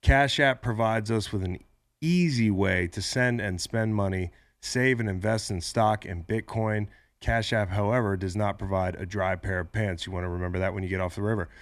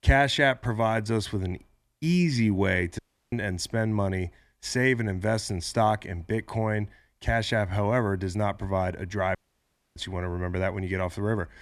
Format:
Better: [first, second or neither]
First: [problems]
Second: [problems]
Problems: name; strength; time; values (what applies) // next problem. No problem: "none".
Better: first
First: none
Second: audio cutting out; at 3 s and at 9.5 s for 0.5 s